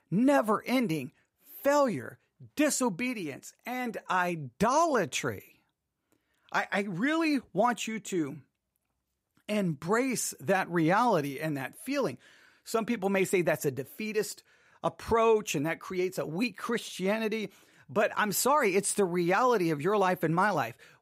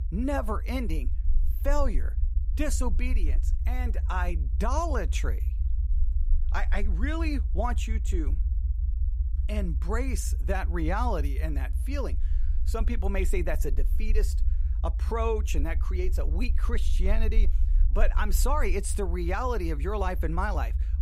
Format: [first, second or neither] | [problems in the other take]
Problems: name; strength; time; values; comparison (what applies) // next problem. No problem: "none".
first | low rumble; noticeable; throughout; 15 dB below the speech